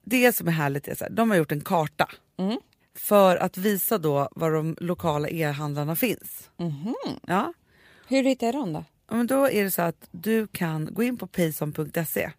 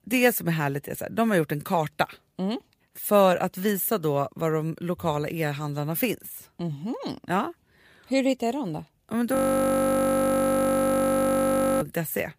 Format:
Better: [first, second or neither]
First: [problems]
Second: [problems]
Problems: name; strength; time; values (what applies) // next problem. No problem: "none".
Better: first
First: none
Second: audio freezing; at 9.5 s for 2.5 s